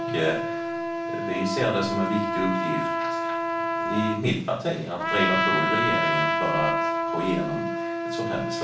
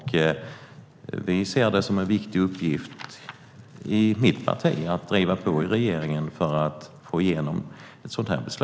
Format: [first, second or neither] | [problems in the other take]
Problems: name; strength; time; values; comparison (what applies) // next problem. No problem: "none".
second | background sound (Trumpet); 2 dB above the speech // room echo; dies away in 0.3 s